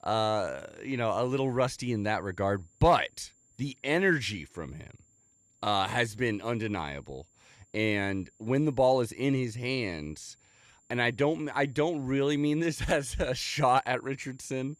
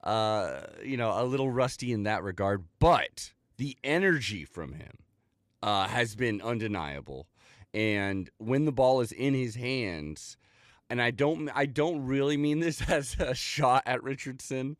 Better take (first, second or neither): second